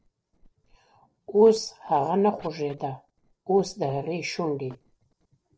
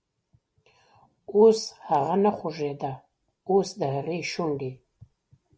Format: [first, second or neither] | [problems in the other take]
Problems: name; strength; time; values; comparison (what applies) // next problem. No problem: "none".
second | noise reduction (neural separator model SepFormer DNS4)